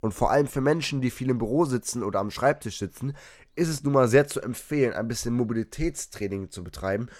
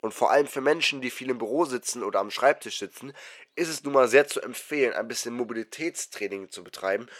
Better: first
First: none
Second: thin; somewhat; fading below 450 Hz

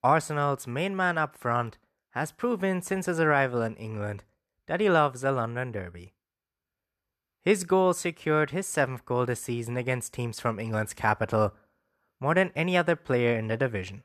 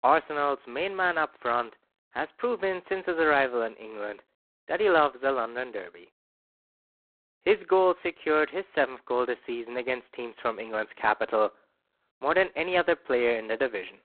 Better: first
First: none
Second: phone-call audio; poor line; nothing above 4 kHz

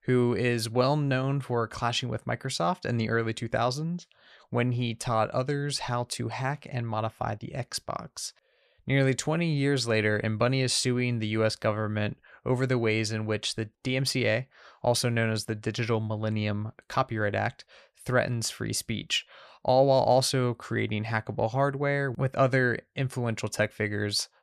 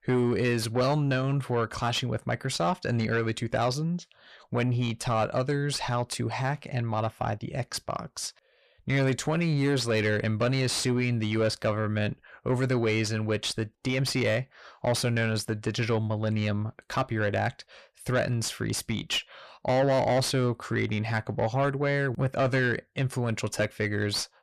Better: first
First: none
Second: distortion; slight; 10 dB below the speech

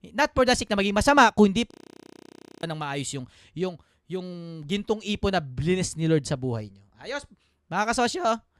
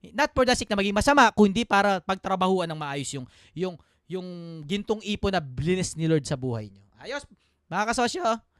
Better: second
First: audio freezing; at 1.5 s for 1 s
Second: none

